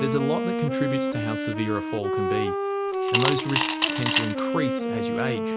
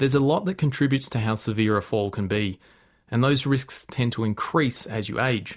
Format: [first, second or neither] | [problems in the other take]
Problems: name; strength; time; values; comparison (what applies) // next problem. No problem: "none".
second | background sound (Wind instrument, woodwind instrument + Coin (dropping) / Glass); 3 dB above the speech